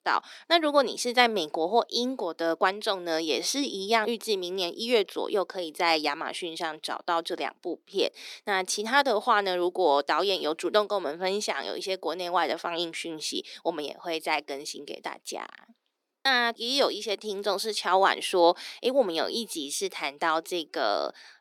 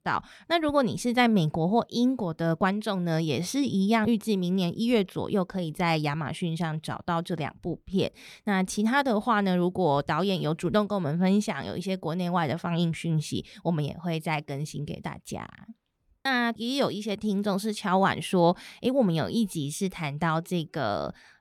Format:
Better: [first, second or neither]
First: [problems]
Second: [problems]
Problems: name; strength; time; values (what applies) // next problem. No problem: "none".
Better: second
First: thin; very; fading below 300 Hz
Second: none